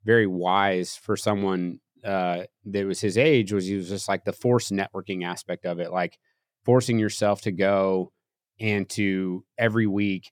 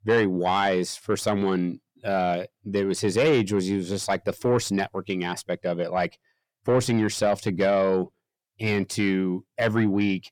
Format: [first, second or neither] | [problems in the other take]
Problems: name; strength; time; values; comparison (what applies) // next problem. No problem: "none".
first | distortion; slight; 10 dB below the speech